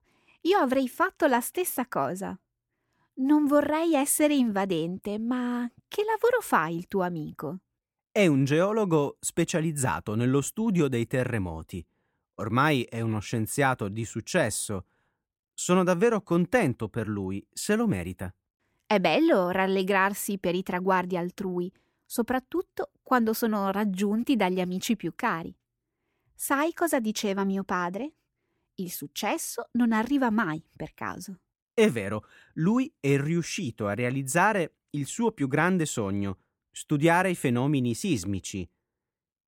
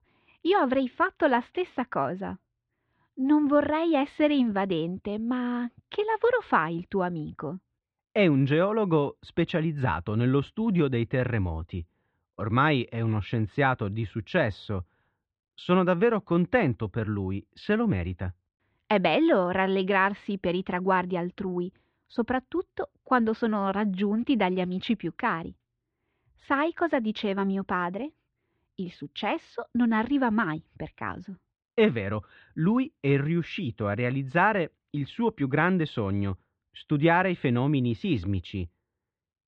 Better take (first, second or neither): first